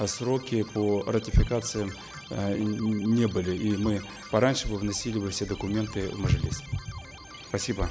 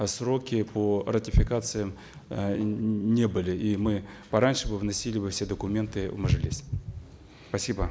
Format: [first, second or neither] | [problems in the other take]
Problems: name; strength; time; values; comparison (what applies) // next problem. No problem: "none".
second | background sound (Keyboard (musical)); 18 dB below the speech